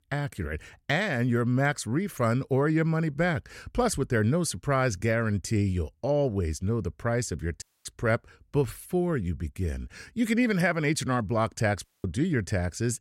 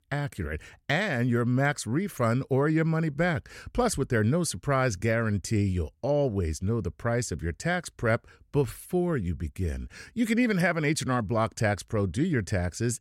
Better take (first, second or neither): second